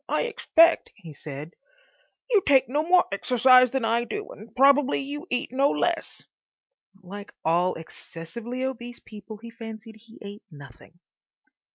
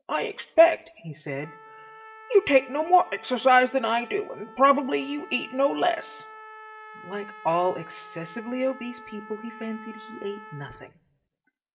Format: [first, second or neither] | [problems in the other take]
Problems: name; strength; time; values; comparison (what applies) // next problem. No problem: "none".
first | background sound (Trumpet); 19 dB below the speech // room echo; dies away in 0.5 s